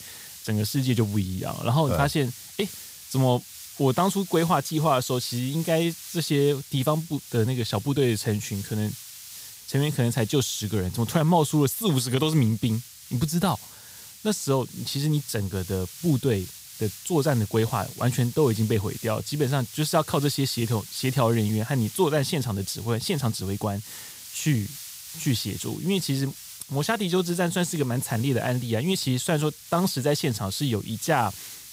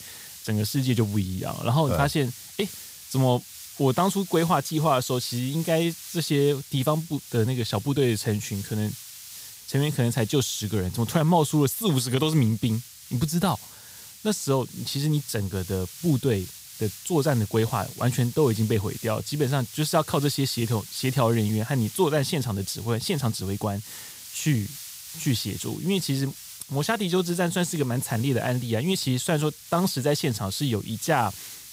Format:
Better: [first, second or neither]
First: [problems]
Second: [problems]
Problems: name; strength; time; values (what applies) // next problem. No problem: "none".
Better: neither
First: hiss; noticeable; throughout; 15 dB below the speech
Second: hiss; noticeable; throughout; 15 dB below the speech